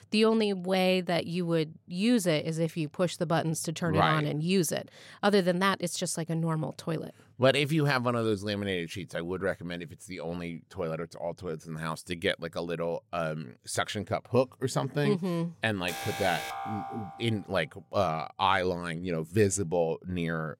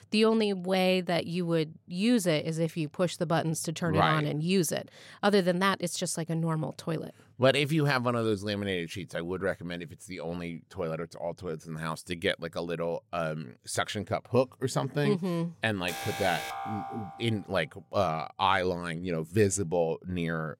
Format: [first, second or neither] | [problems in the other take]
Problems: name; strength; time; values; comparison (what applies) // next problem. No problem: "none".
neither | alarm; noticeable; from 16 to 17 s; peak 6 dB below the speech; the same in both